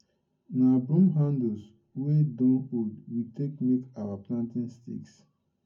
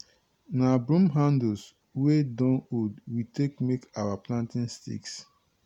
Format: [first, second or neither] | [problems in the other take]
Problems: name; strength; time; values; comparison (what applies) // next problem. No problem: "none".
second | room echo; dies away in 0.3 s